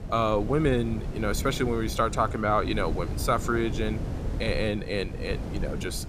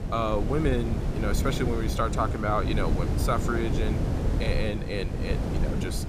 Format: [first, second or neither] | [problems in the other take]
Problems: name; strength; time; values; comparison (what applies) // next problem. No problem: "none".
first | wind noise on the microphone; heavy; 6 dB below the speech; occasional gusts in the first